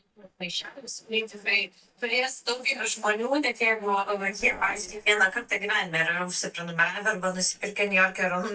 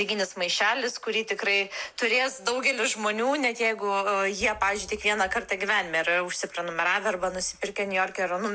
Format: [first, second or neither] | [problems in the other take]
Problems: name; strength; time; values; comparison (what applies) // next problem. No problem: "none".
second | noise reduction (neural mask model DeepFilterNet 3)